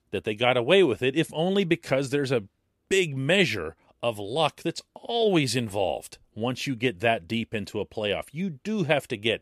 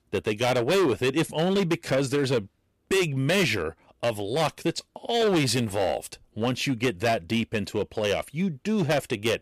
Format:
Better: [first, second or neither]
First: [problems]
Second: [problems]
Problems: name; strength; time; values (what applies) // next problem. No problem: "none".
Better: first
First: none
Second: distortion; heavy; 12% of the sound clipped